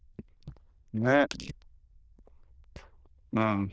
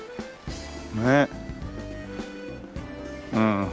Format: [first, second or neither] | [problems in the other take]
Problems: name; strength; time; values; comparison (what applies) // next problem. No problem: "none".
second | noise reduction (neural diffusion model UNIVERSE++)